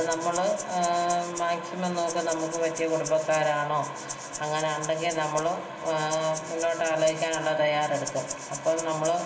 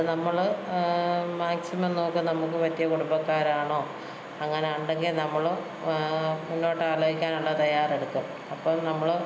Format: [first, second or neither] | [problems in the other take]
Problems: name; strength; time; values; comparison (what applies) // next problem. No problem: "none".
second | background sound (Rattle (instrument)); 13 dB below the speech // room echo; dies away in 0.2 s